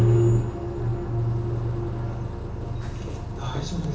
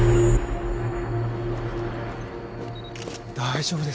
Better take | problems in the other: second | background sound (Bus); 8 dB below the speech // room echo; dies away in 0.8 s

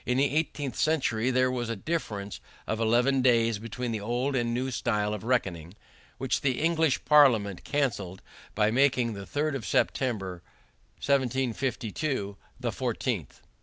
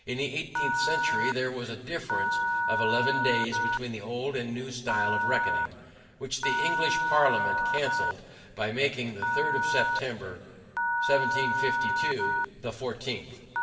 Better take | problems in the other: first | background sound (Telephone); 2 dB above the speech // room echo; dies away in 2.7 s

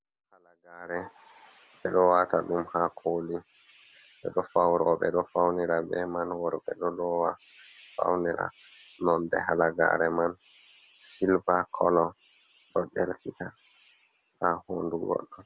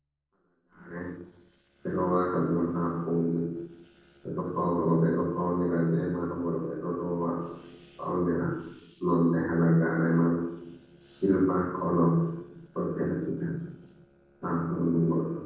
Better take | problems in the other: first | noise reduction (neural separator model SepFormer DNS4)

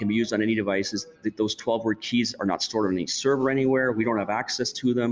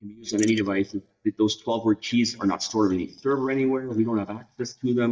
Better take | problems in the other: first | noise reduction (neural mask model DeepFilterNet 3)

